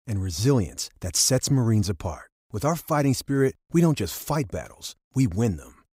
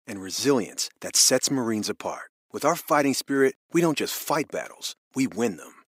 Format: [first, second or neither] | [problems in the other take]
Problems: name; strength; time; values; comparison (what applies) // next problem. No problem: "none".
first | thin; somewhat; fading below 250 Hz